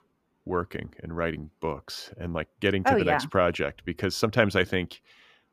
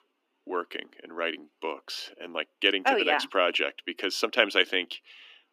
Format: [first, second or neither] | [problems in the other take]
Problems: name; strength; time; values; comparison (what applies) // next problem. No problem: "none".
first | thin; somewhat; fading below 300 Hz